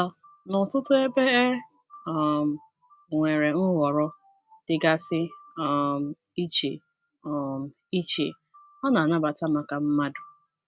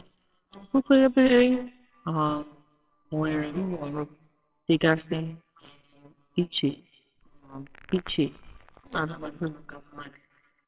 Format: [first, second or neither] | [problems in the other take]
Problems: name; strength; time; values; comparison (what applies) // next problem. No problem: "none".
first | noise reduction (neural separator model SepFormer WHAMR!)